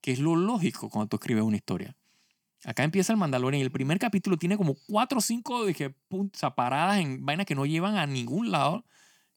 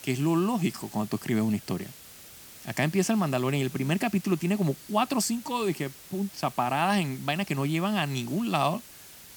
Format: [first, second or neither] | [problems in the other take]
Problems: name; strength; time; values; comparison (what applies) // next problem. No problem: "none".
first | hiss; noticeable; throughout; 15 dB below the speech